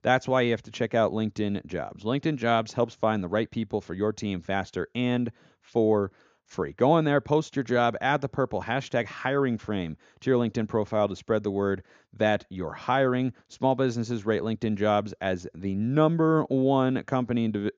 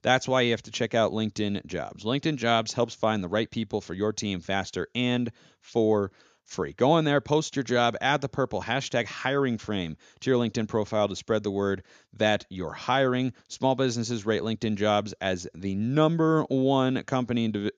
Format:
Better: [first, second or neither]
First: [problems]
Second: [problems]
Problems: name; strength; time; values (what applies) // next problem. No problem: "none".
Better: second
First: muffled; slightly; fading above 2.5 kHz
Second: none